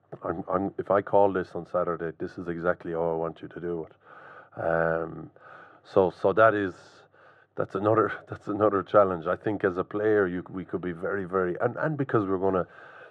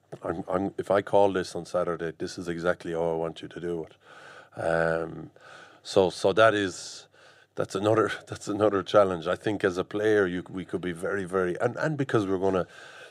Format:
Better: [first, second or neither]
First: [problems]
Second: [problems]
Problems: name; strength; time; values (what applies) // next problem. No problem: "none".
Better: second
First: muffled; very; fading above 3.5 kHz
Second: none